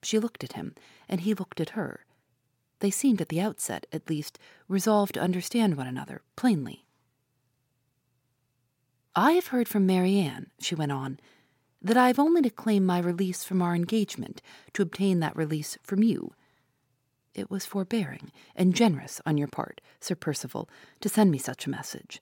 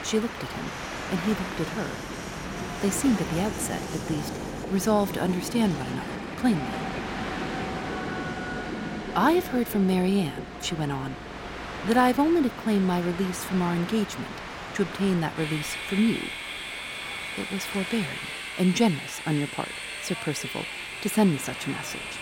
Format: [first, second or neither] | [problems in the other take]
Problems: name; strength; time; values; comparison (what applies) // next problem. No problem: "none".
first | train or aircraft noise; loud; throughout; 7 dB below the speech